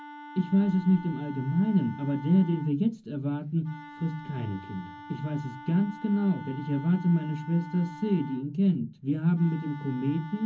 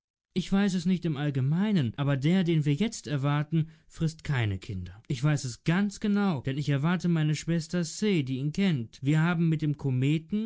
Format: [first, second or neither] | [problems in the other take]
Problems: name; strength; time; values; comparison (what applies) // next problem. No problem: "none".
second | background sound (Wind instrument, woodwind instrument); 17 dB below the speech // room echo; dies away in 0.4 s